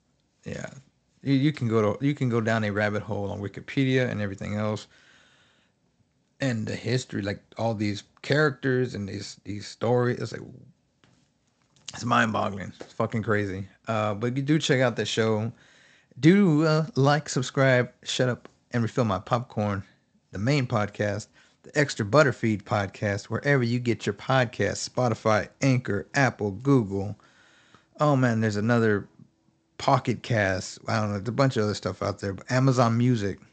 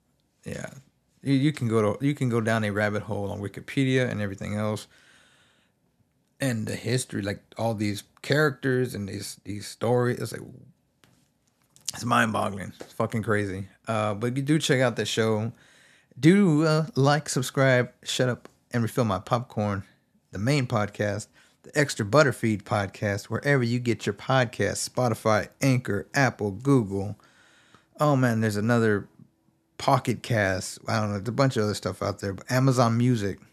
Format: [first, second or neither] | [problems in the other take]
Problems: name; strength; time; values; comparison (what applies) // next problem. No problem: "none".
second | garbled, watery; slightly; nothing above 8 kHz